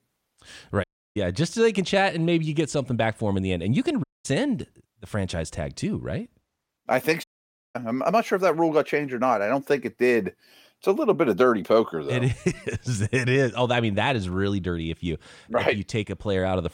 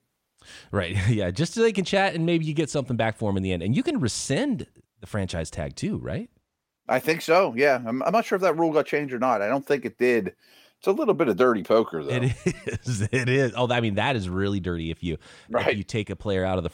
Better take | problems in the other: second | audio cutting out; at 1 s, at 4 s and at 7 s for 0.5 s

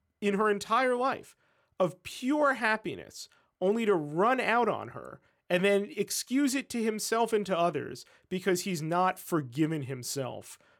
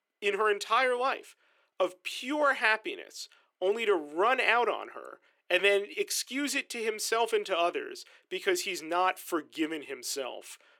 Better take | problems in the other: first | thin; somewhat; fading below 350 Hz

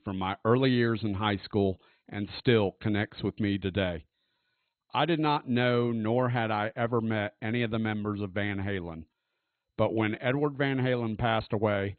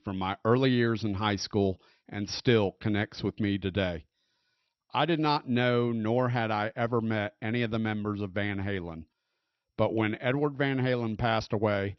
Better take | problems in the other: second | garbled, watery; badly; nothing above 4 kHz; slightly in the second

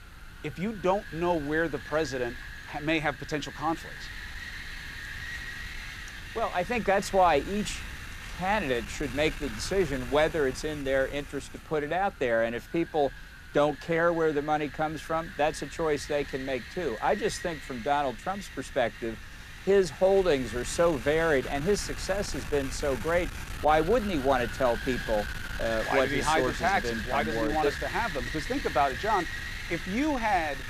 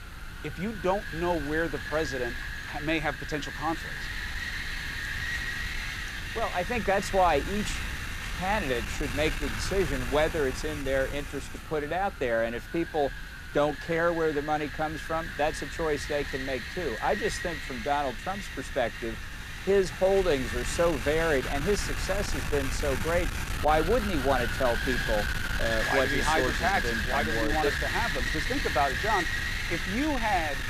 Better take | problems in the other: first | wind noise on the microphone; heavy; 4 dB below the speech; occasional gusts in the first

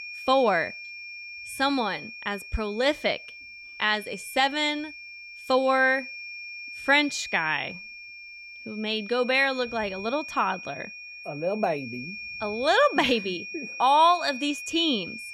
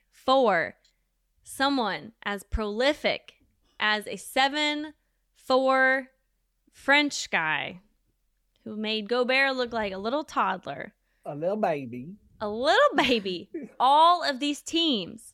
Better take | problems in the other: second | high-pitched whine; noticeable; throughout; 2.5 kHz, 10 dB below the speech

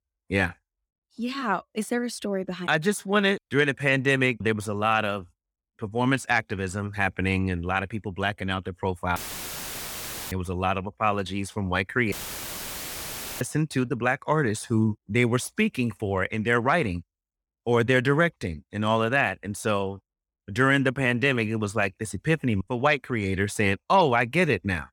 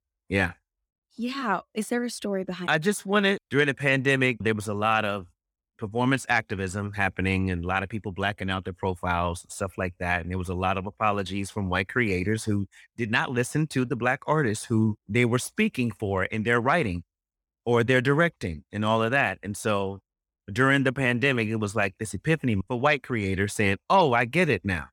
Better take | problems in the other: second | audio cutting out; filled with static; at 9 s for 1 s and at 12 s for 1.5 s

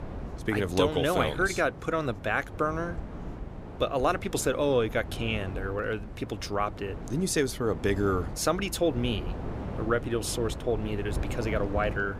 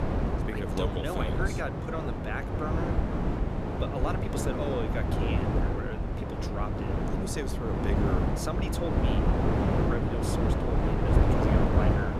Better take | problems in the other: first | wind noise on the microphone; heavy; 3 dB above the speech; occasional gusts in the first

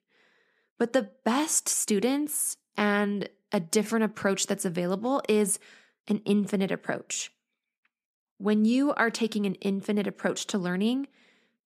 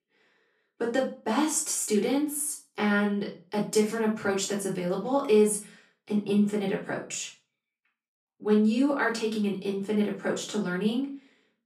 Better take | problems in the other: first | off-mic speech; far // room echo; slight; dies away in 0.3 s

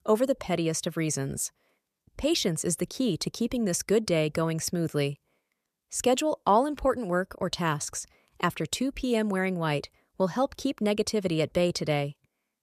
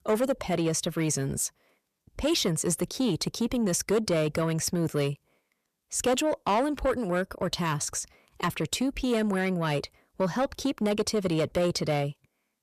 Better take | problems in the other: first | distortion; slight; 10 dB below the speech

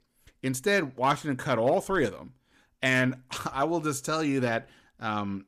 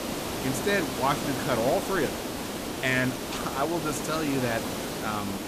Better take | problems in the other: first | hiss; loud; throughout; 3 dB below the speech

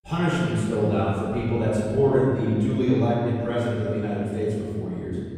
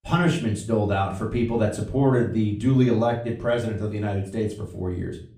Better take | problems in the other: second | room echo; strong; dies away in 2.2 s; slight in the second // off-mic speech; far; far in the second

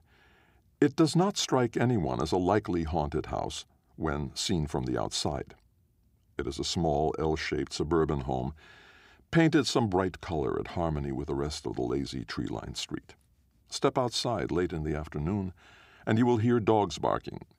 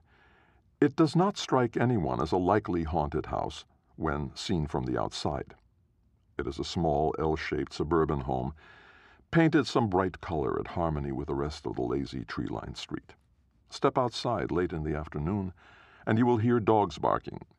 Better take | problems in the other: first | muffled; very slightly; fading above 3 kHz

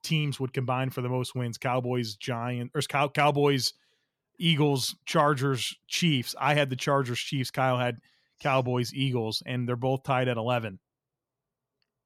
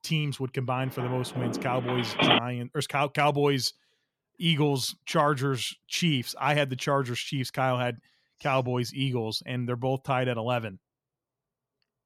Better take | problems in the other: first | phone ringing; loud; from 1 to 2.5 s; peak 6 dB above the speech

